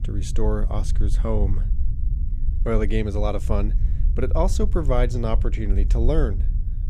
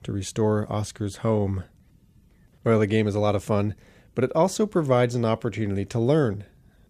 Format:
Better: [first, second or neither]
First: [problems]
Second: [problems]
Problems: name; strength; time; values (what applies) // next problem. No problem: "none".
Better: second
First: low rumble; noticeable; throughout; 15 dB below the speech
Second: none